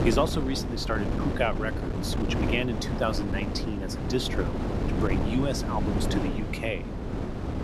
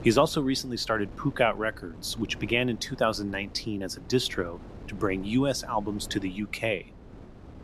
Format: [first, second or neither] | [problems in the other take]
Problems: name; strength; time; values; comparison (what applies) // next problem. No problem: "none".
second | wind noise on the microphone; heavy; 4 dB below the speech; occasional gusts in the second